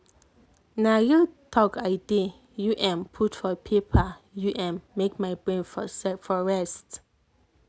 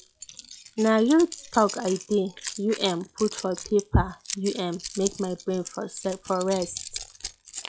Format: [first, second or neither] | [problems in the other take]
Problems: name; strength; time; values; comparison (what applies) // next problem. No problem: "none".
first | noise reduction (classical method log-MMSE)